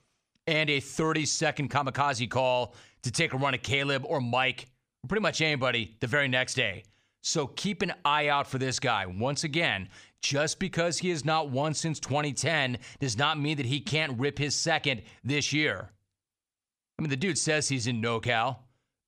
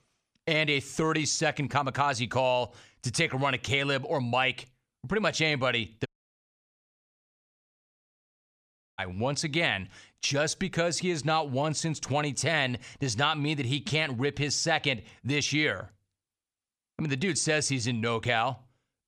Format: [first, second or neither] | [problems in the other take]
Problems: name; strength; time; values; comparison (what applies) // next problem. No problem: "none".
first | audio cutting out; at 6 s for 3 s